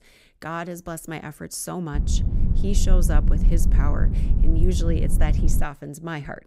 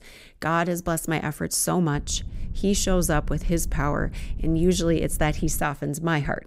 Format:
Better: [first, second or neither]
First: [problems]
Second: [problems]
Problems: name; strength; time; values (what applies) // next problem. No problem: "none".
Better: second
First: low rumble; loud; from 2 to 5.5 s; 6 dB below the speech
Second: low rumble; faint; from 2 to 5.5 s; 25 dB below the speech